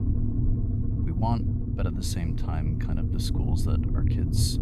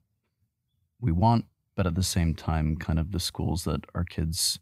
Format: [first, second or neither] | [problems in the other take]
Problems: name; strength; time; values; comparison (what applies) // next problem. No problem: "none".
second | low rumble; loud; throughout; 2 dB below the speech